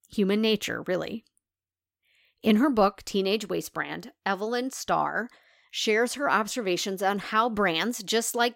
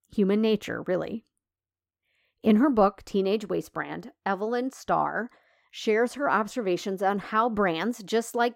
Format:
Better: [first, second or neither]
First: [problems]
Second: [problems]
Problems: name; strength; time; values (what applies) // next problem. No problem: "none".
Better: first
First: none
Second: muffled; slightly; fading above 2 kHz